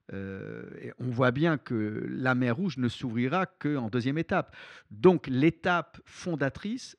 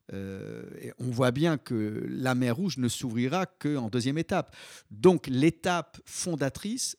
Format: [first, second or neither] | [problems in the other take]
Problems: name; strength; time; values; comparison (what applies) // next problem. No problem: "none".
second | muffled; slightly; fading above 2.5 kHz